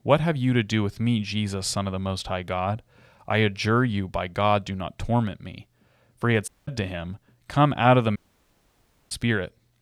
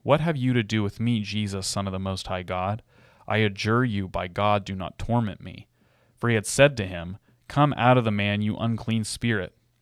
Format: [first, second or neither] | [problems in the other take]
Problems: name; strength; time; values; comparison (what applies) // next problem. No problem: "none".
second | audio cutting out; at 6.5 s and at 8 s for 1 s